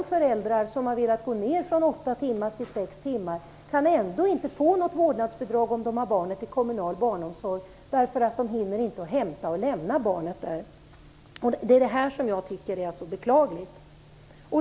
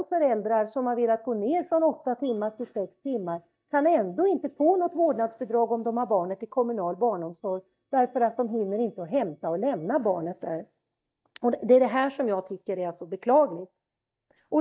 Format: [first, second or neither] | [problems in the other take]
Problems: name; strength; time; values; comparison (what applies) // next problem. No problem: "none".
first | noise reduction (neural mask model DeepFilterNet 3)